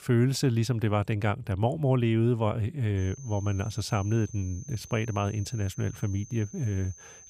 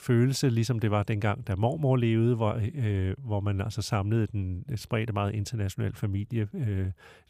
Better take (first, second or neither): second